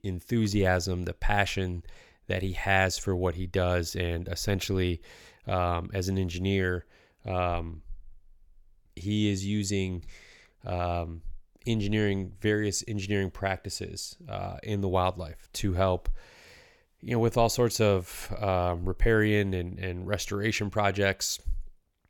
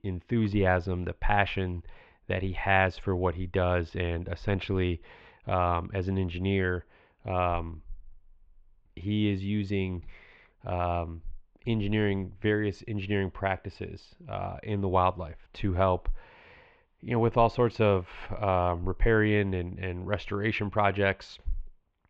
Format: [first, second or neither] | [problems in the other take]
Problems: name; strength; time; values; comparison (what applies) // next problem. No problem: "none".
first | muffled; very; fading above 3 kHz